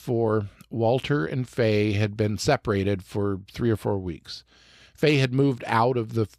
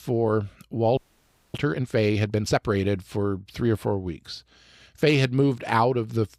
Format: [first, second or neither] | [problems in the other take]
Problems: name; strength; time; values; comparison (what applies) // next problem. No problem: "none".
first | audio freezing; at 1 s for 0.5 s